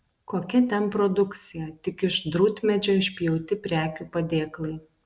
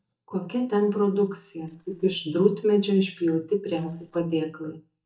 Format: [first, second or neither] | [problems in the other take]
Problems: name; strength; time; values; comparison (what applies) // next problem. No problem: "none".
first | noise reduction (neural mask model DeepFilterNet 3)